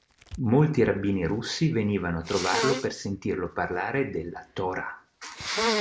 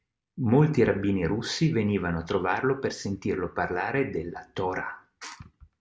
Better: second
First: background sound (Sneeze); 8 dB below the speech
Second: none

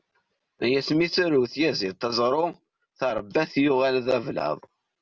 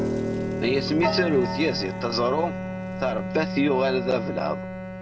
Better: first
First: none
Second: background sound (Bowed string instrument + Piano); 3 dB below the speech

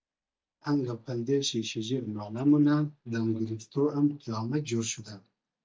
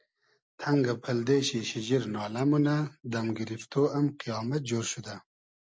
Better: second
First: noise reduction (neural mask model DeepFilterNet 3)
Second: none

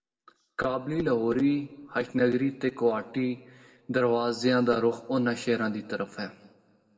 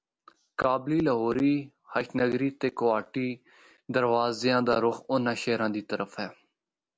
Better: second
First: room echo; dies away in 1.3 s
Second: none

